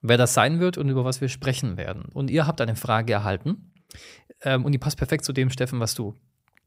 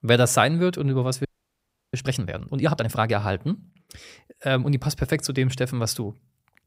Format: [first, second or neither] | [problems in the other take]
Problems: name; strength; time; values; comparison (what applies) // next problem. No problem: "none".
first | audio freezing; at 1.5 s for 0.5 s